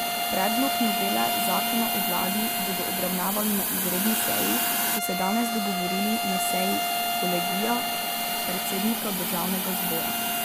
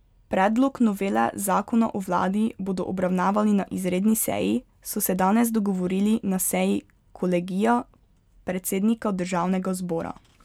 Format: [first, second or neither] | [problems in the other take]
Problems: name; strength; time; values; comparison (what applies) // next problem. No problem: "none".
second | background sound (Hiss + Bowed string instrument); 3 dB above the speech